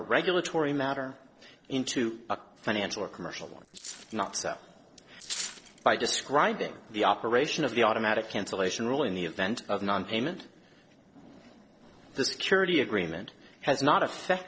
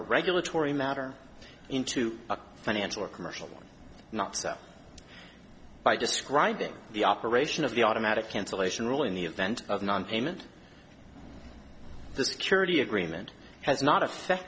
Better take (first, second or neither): second